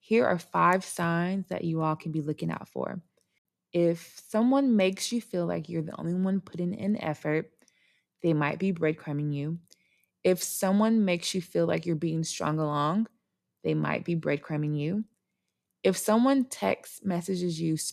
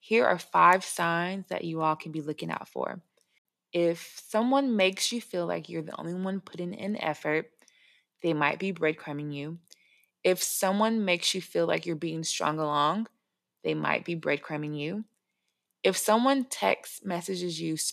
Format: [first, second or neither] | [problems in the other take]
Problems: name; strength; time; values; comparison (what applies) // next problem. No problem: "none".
first | thin; very slightly; fading below 450 Hz